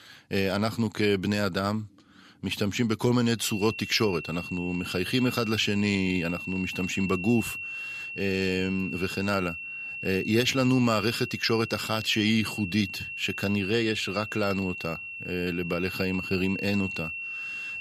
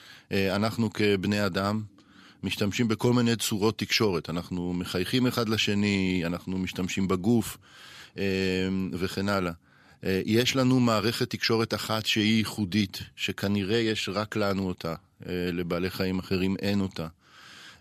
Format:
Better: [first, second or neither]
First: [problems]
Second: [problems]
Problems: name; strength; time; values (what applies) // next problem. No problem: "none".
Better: second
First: high-pitched whine; loud; from 3.5 s on; 2.5 kHz, 7 dB below the speech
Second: none